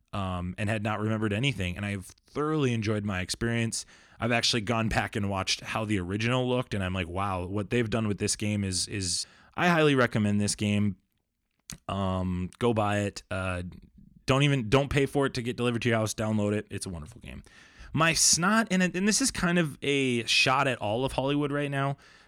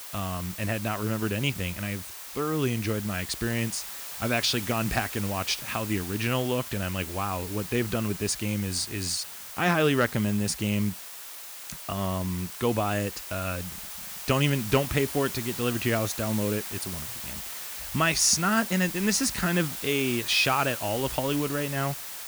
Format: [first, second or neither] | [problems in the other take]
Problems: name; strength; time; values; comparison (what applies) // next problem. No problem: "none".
first | hiss; loud; throughout; 8 dB below the speech